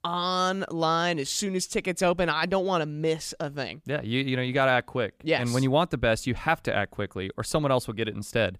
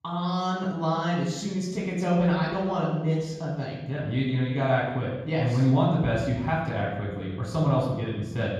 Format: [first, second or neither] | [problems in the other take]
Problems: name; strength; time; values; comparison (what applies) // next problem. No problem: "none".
first | room echo; strong; dies away in 1.3 s // off-mic speech; far